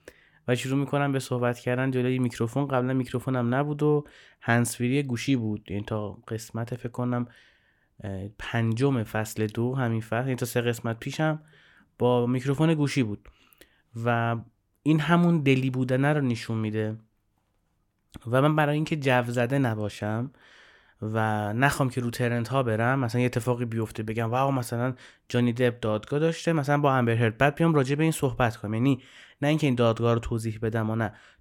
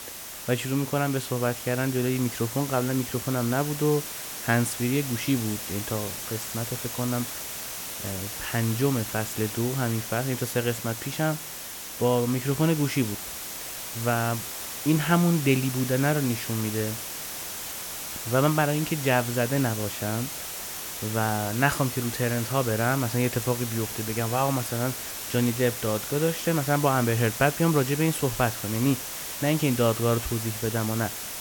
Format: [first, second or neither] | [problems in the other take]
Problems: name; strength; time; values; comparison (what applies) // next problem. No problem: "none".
first | hiss; loud; throughout; 6 dB below the speech